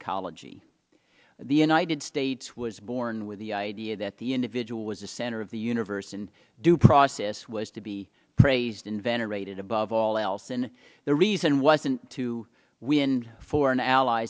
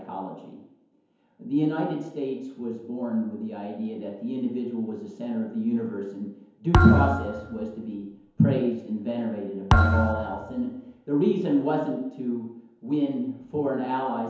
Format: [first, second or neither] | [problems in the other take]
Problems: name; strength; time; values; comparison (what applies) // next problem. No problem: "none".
first | background sound (Thump, thud); 2 dB above the speech // room echo; dies away in 0.9 s